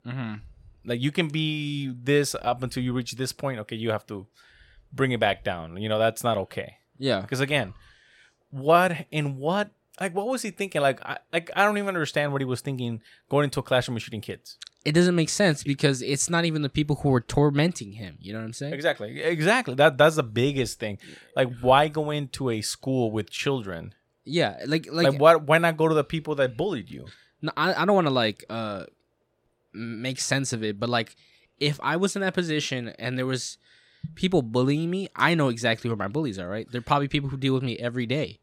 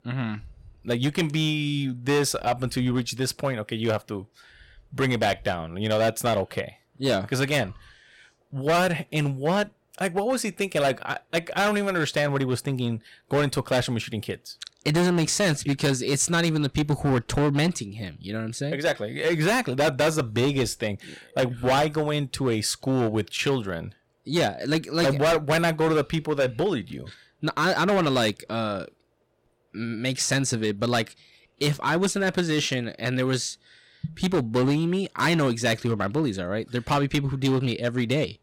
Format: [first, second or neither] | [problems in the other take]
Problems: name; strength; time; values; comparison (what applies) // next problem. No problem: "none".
first | distortion; heavy; 9% of the sound clipped